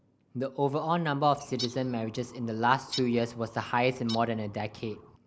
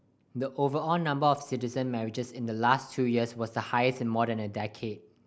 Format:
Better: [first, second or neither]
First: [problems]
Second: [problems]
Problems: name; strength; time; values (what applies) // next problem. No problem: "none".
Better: second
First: background sound (Bird); 15 dB below the speech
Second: none